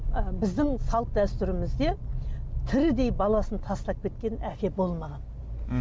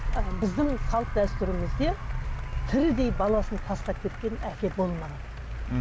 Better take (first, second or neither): first